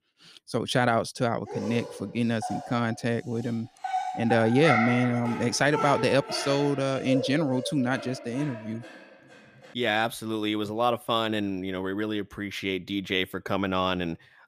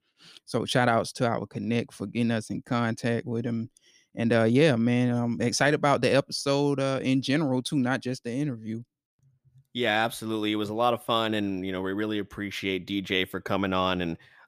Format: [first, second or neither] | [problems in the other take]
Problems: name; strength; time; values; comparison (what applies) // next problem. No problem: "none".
second | dog barking; loud; from 1.5 to 8.5 s; peak 2 dB above the speech